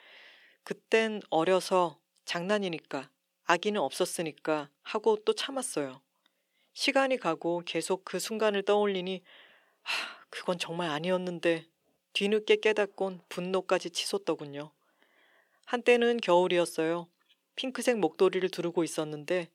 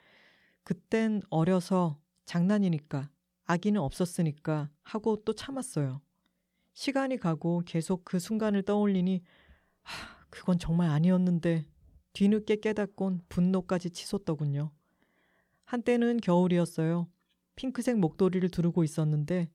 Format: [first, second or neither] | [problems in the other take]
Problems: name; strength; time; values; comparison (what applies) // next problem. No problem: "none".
second | thin; very; fading below 350 Hz